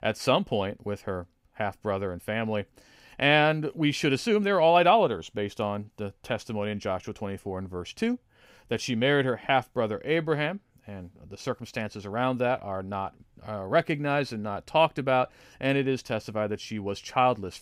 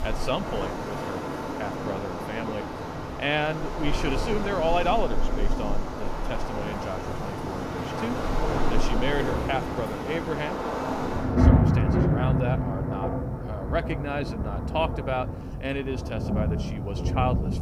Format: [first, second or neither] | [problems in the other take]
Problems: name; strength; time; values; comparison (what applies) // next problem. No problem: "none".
first | rain or running water; very loud; throughout; 3 dB above the speech